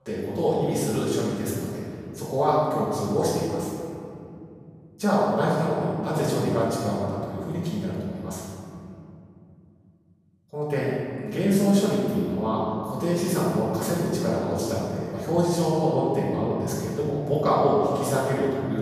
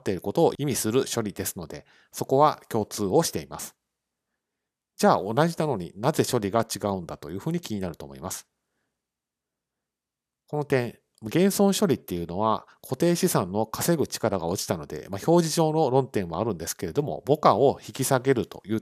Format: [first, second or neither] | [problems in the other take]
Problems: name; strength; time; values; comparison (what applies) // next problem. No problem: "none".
second | room echo; strong; dies away in 2.8 s // off-mic speech; far